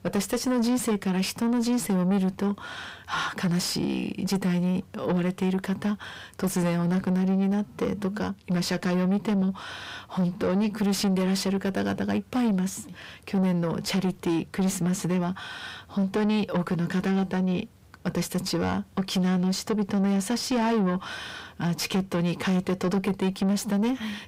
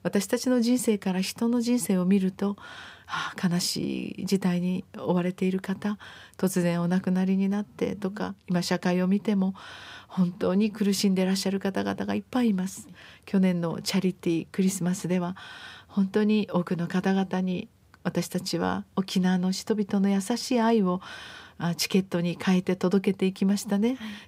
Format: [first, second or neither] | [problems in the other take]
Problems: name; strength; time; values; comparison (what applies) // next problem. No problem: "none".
second | distortion; slight; 10 dB below the speech